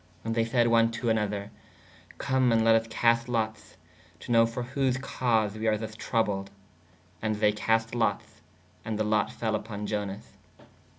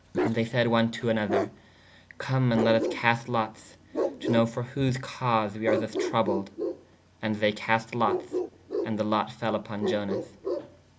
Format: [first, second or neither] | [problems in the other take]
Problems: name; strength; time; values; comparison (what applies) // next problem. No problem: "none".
first | background sound (Bark); 5 dB below the speech